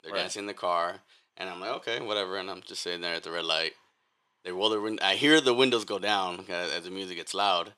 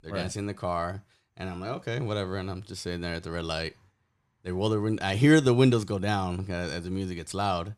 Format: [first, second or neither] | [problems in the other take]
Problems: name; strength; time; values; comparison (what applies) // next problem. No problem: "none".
second | thin; somewhat; fading below 450 Hz